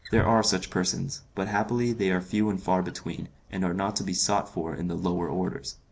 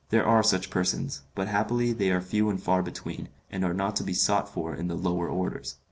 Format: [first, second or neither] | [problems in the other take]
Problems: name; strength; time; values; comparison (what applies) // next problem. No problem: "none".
second | background sound (Wild animals); 15 dB below the speech